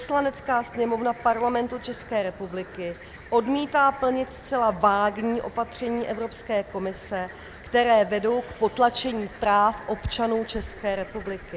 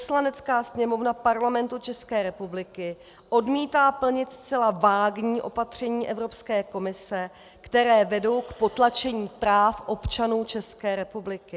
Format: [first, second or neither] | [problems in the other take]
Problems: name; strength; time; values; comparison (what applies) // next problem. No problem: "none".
second | background sound (Cricket); 18 dB below the speech